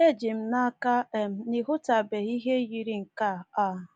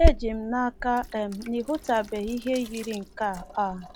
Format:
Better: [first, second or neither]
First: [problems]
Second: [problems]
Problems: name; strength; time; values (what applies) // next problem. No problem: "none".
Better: first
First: none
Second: background sound (Sink (filling or washing)); 2 dB below the speech